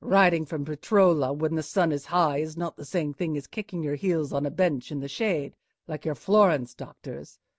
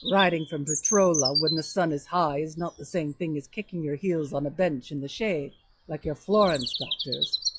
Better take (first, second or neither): first